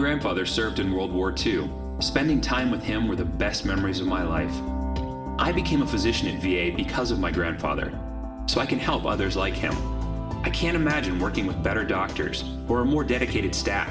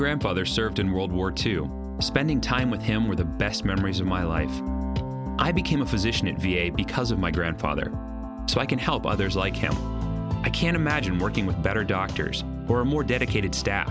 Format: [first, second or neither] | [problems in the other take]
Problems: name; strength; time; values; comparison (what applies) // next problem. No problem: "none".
second | room echo; dies away in 0.9 s